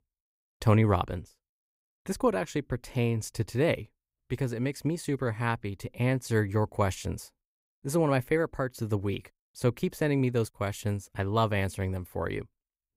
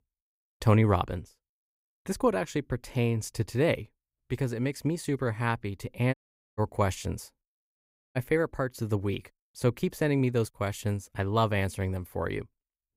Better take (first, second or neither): first